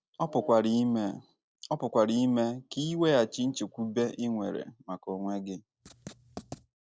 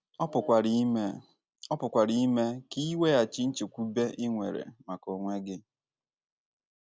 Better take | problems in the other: second | noise reduction (neural separator model SepFormer DNS4)

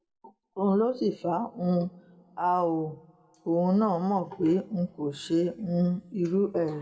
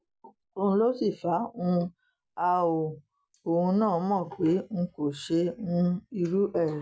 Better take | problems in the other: second | room echo; dies away in 1.4 s

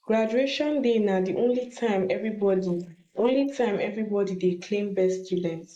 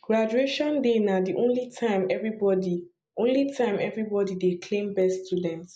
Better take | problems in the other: second | noise reduction (neural mask model Resemble Enhance denoiser)

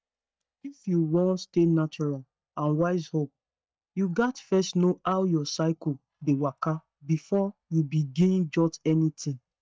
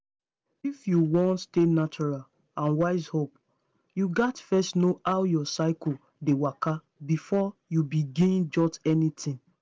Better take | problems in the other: second | noise reduction (neural mask model DeepFilterNet 3)

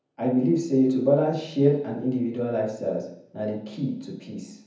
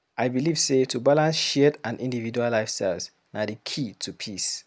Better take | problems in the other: second | room echo; dies away in 0.7 s

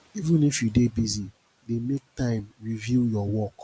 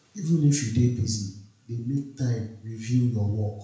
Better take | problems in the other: first | room echo; dies away in 0.5 s

